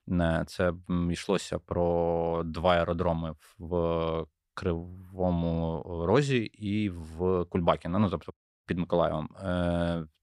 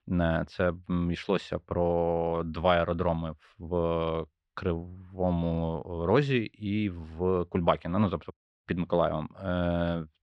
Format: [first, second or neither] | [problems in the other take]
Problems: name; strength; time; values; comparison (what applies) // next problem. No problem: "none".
first | muffled; very slightly; fading above 3 kHz